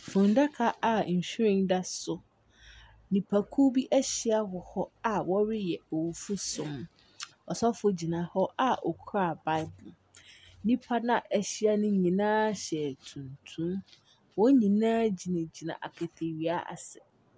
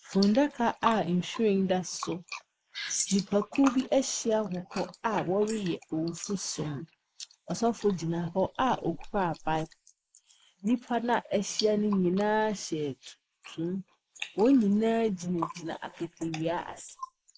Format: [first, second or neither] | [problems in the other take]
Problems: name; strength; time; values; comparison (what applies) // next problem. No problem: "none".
first | noise reduction (neural mask model Resemble Enhance denoiser)